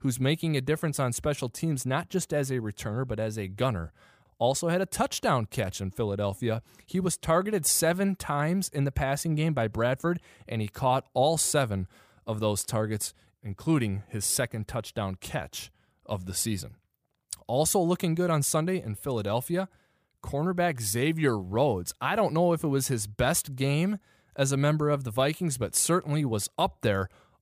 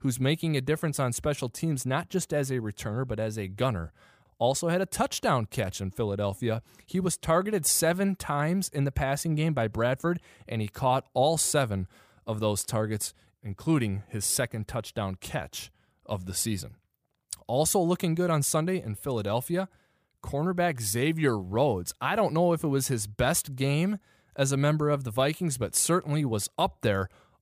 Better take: neither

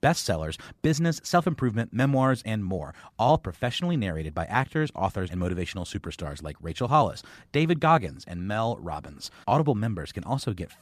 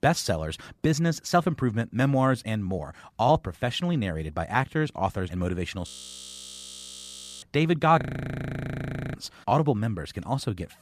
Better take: first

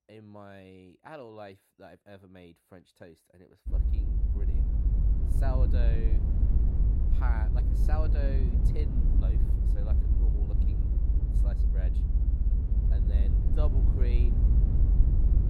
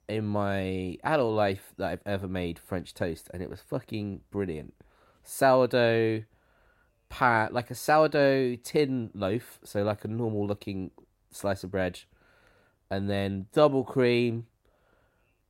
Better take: second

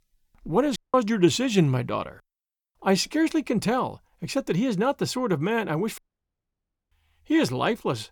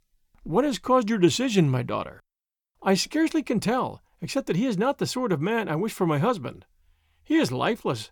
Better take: second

